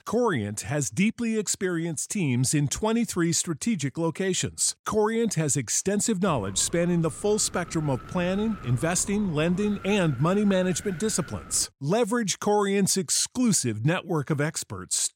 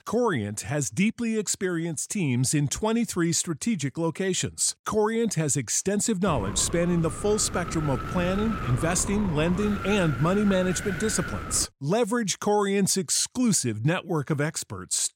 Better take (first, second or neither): first